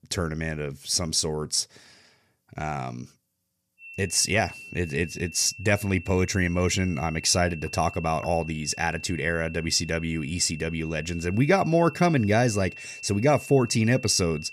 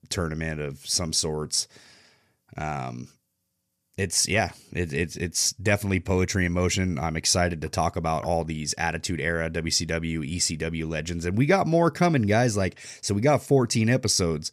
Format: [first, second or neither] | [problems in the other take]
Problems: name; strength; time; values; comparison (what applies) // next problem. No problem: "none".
second | high-pitched whine; noticeable; from 4 s on; 2.5 kHz, 15 dB below the speech